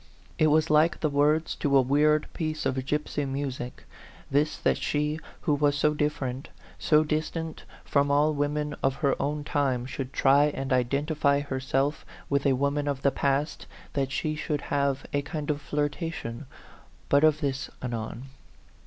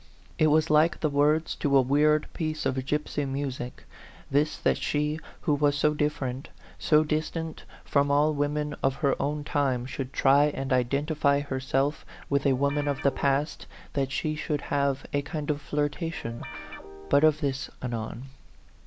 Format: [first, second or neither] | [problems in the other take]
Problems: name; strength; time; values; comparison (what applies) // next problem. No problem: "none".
first | background sound (Guitar); 16 dB below the speech